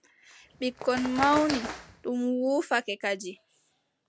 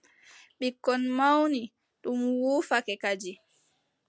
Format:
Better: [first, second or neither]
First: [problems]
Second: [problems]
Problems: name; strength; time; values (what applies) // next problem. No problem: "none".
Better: second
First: background sound (Bird); 9 dB below the speech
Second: none